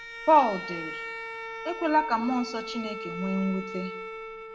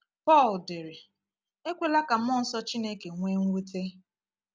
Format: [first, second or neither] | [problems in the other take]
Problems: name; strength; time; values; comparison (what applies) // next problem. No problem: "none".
second | background sound (Bowed string instrument); 9 dB below the speech // room echo; dies away in 0.8 s